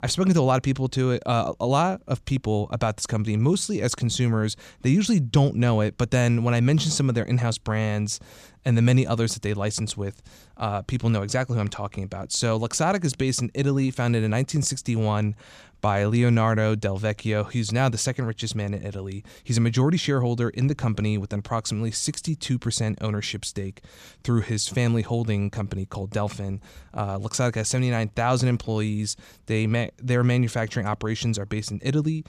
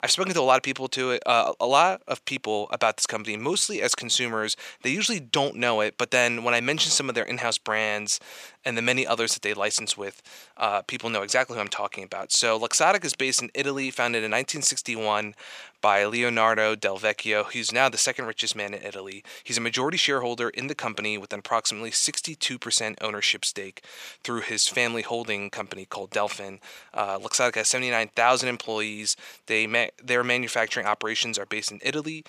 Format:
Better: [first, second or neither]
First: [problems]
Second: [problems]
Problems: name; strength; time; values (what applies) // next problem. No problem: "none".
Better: first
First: none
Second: thin; very; fading below 500 Hz